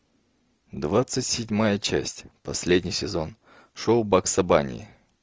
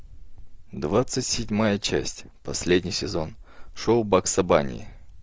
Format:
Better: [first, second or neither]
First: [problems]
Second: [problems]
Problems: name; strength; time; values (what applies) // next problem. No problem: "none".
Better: first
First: none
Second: background sound (Cricket); 13 dB below the speech